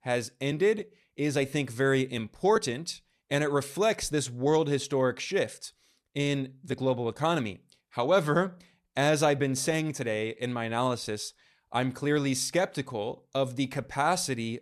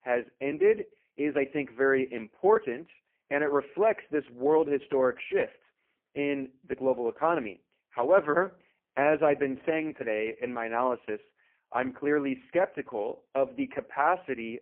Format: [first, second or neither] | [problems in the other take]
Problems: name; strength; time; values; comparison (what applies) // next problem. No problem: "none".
first | phone-call audio; poor line